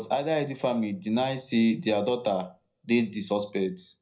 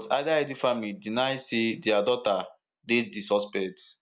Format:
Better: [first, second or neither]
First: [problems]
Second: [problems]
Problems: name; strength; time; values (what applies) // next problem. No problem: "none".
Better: second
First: room echo; dies away in 0.5 s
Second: none